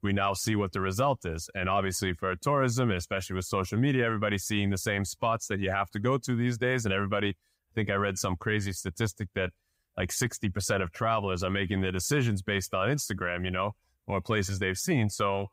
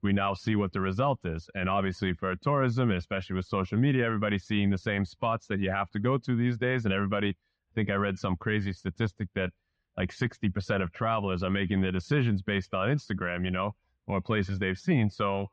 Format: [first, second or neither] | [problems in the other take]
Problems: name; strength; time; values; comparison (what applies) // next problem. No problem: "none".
first | muffled; slightly; fading above 4 kHz